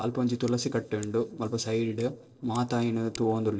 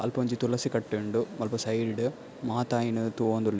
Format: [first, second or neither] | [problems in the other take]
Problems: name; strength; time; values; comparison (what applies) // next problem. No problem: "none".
second | noise reduction (neural separator model SepFormer DNS4)